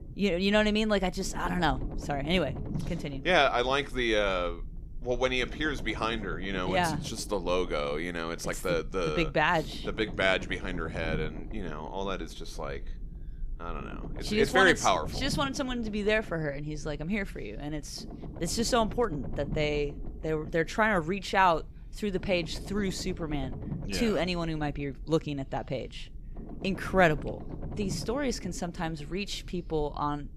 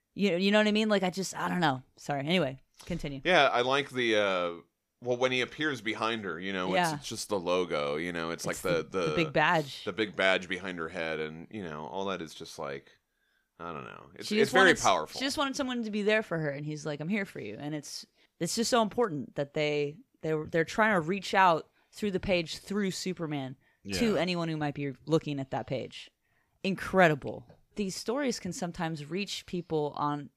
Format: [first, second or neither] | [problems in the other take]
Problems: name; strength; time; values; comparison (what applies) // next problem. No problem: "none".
second | low rumble; noticeable; throughout; 20 dB below the speech